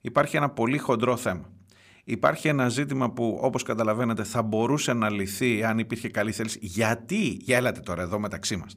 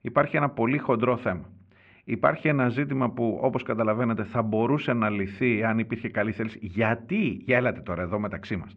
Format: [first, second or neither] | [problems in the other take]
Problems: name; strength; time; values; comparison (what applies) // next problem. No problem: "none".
first | muffled; very; fading above 2.5 kHz